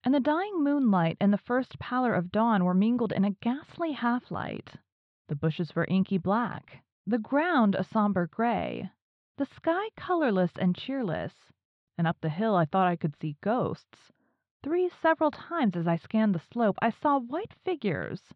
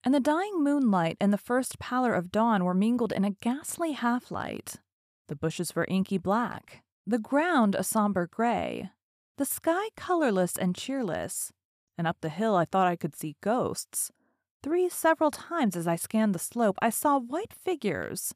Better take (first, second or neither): second